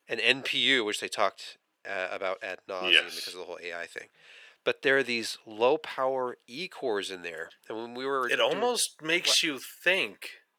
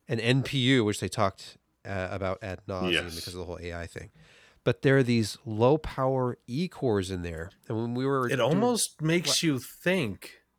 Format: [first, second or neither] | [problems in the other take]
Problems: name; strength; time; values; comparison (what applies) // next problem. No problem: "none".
second | thin; somewhat; fading below 500 Hz